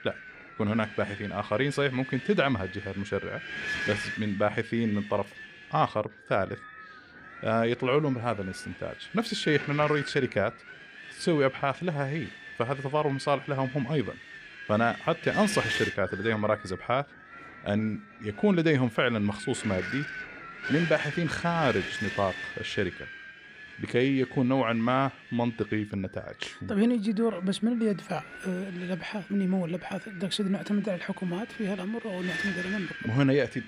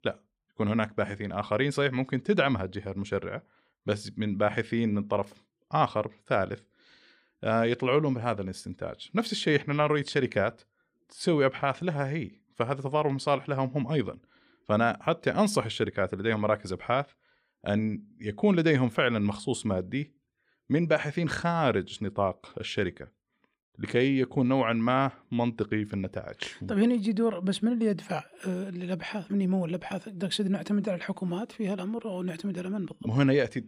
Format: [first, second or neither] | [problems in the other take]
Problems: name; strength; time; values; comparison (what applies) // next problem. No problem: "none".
second | wind noise on the microphone; heavy; 7 dB below the speech